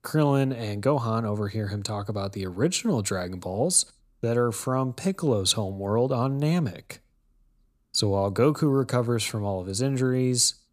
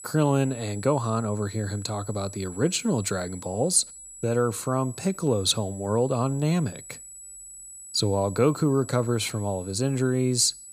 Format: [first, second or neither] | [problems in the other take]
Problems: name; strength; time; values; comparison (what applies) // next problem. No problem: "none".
first | high-pitched whine; noticeable; throughout; 8 kHz, 15 dB below the speech